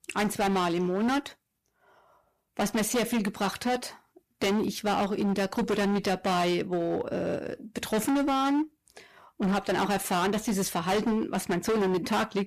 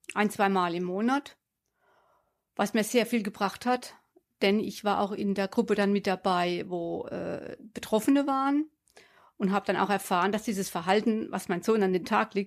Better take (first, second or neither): second